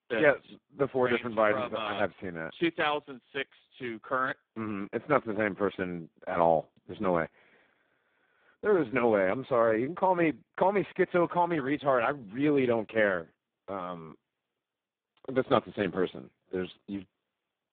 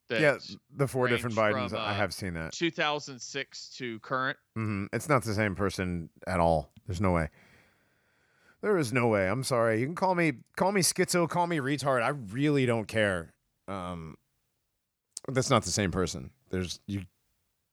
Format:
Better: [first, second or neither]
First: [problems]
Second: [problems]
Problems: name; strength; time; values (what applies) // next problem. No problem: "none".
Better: second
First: phone-call audio; poor line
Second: none